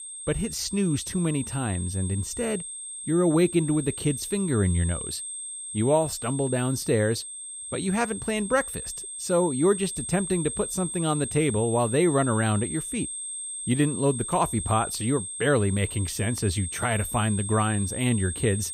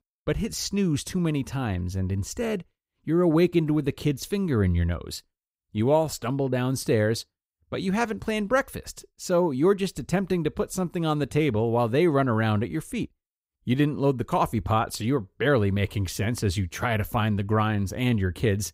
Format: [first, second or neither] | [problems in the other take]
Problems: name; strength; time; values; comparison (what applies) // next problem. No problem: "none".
second | high-pitched whine; loud; throughout; 8.5 kHz, 7 dB below the speech